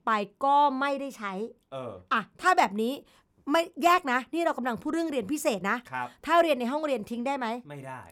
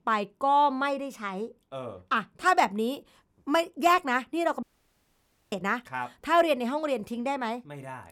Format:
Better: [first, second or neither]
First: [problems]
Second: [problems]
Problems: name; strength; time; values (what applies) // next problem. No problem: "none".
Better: first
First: none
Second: audio cutting out; at 4.5 s for 1 s